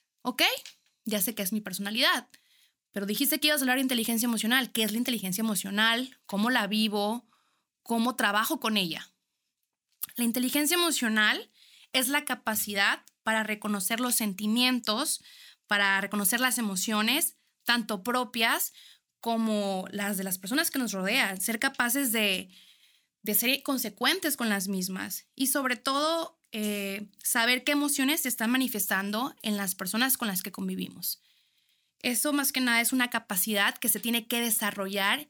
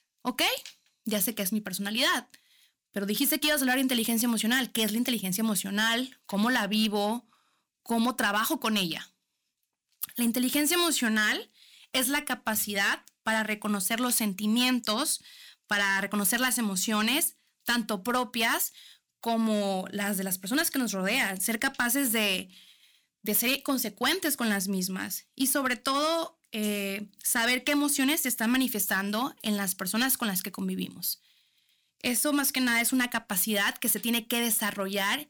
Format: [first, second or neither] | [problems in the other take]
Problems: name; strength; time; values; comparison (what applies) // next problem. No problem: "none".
first | distortion; slight; 3% of the sound clipped